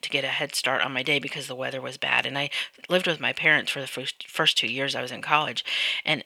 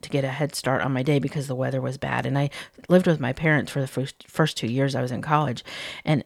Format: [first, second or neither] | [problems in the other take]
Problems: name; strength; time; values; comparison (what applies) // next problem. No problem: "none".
second | thin; somewhat; fading below 900 Hz